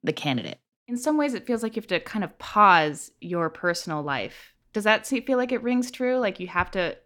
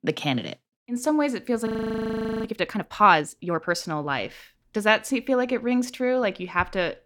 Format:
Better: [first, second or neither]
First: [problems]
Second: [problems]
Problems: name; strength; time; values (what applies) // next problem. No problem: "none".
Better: first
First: none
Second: audio freezing; at 1.5 s for 1 s